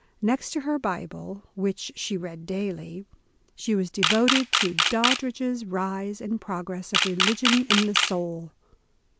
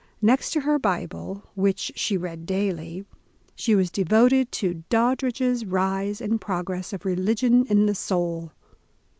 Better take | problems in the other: second | background sound (Camera); 2 dB above the speech

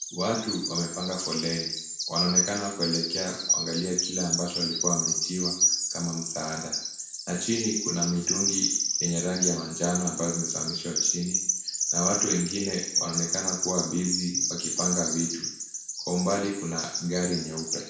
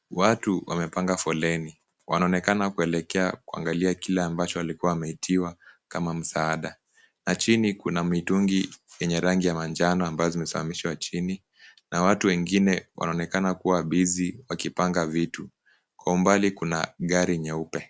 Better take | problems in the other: second | background sound (Bird vocalization, bird call, bird song); 1 dB above the speech // room echo; dies away in 0.7 s

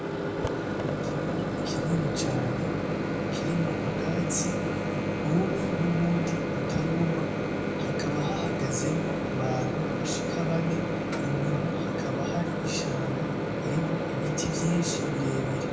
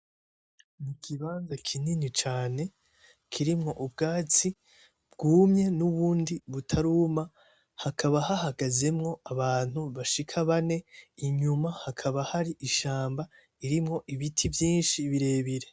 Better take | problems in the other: second | background sound (Microwave oven); 3 dB above the speech // room echo; dies away in 0.6 s

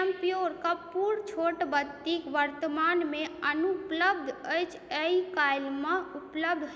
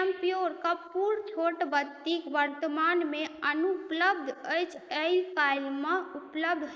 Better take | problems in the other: first | noise reduction (neural mask model Resemble Enhance denoiser)

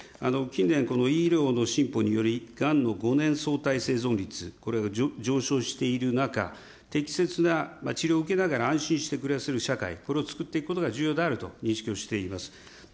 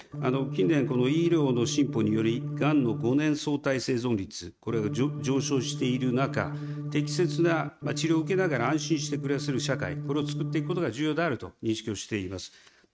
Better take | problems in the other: first | noise reduction (neural mask model RNNoise)

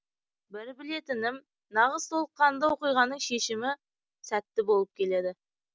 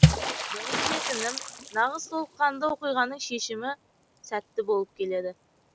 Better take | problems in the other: first | background sound (Water / Splash, splatter); as loud as the speech

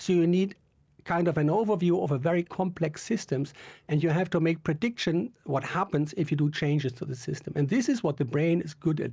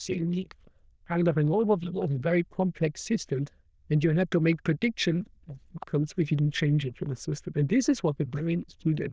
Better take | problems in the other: first | noise reduction (neural diffusion model UNIVERSE++)

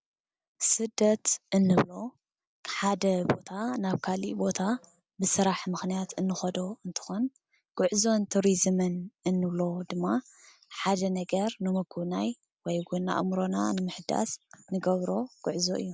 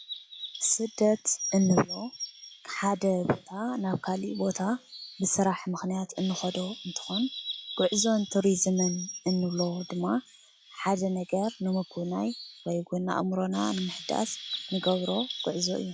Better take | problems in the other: first | noise reduction (classical method log-MMSE)

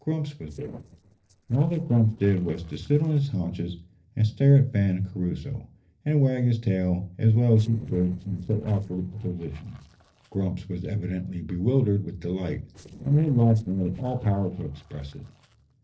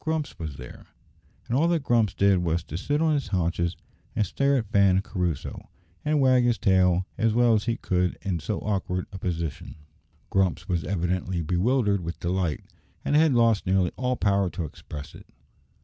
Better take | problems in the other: second | noise reduction (neural separator model SepFormer DNS4)

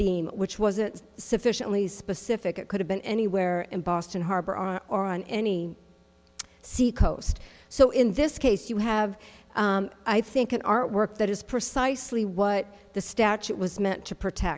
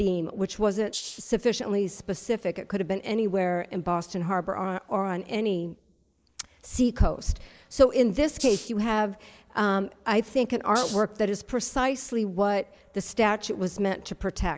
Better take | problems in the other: first | noise reduction (neural mask model Resemble Enhance denoiser)

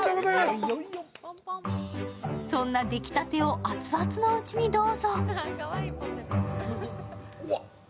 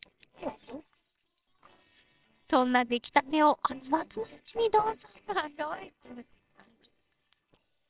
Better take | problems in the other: first | noise reduction (neural separator model SepFormer WHAMR!)

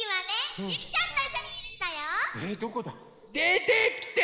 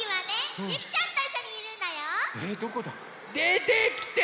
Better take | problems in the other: second | noise reduction (neural mask model Resemble Enhance denoiser)

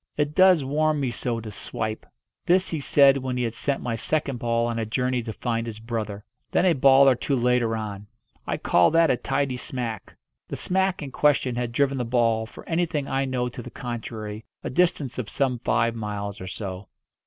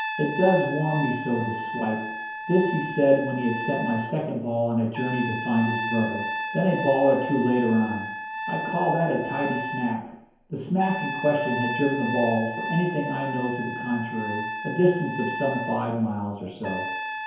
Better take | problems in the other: first | background sound (Trumpet); 7 dB below the speech // room echo; dies away in 0.9 s

